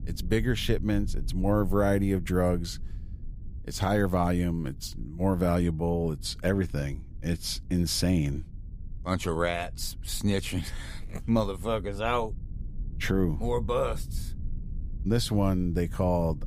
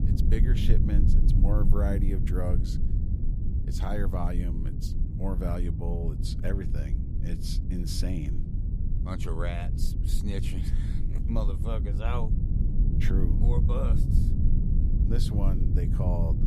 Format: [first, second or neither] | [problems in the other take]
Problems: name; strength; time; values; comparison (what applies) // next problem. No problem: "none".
first | low rumble; loud; throughout; 4 dB below the speech; faint in the first